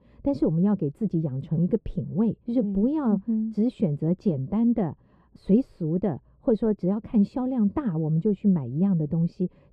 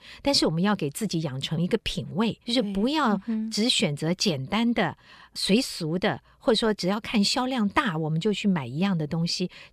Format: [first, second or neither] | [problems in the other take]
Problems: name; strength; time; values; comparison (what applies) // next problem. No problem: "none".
second | muffled; very; fading above 1 kHz